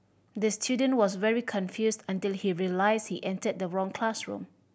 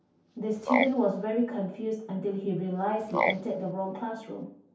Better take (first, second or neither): first